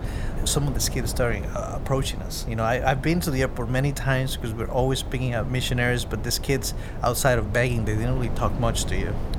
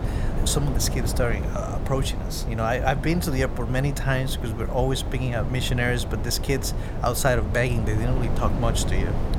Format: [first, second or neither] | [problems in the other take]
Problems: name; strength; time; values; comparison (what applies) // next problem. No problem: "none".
first | wind noise on the microphone; heavy; 9 dB below the speech; occasional gusts in the first